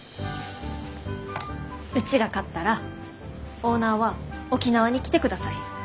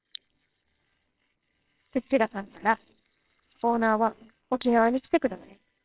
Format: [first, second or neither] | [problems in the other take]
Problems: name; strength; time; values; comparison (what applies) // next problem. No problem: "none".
first | noise reduction (neural separator model SepFormer WHAMR!)